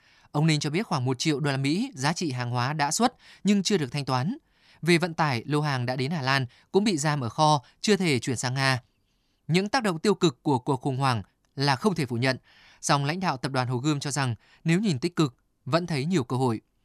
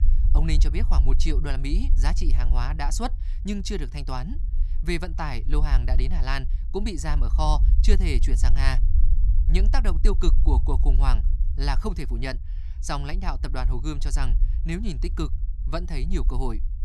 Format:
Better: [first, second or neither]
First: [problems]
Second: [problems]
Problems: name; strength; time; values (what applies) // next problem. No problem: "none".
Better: first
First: none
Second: low rumble; noticeable; throughout; 15 dB below the speech